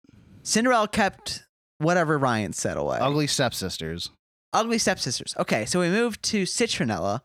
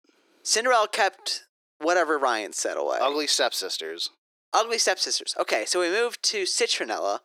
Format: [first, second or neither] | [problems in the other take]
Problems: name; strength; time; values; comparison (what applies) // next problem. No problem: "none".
first | thin; very; fading below 350 Hz